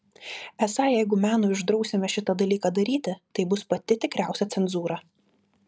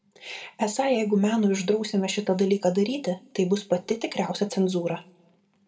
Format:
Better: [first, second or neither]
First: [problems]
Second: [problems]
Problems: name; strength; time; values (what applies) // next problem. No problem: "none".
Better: first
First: none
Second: room echo; dies away in 0.5 s